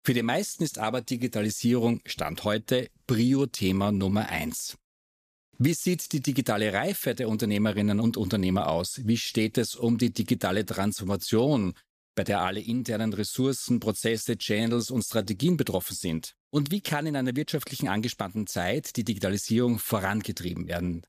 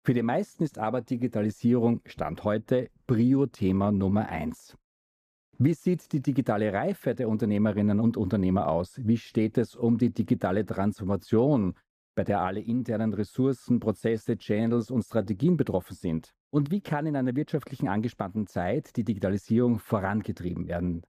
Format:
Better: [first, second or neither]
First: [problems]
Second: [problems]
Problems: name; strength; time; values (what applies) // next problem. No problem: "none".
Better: first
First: none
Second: muffled; very; fading above 2.5 kHz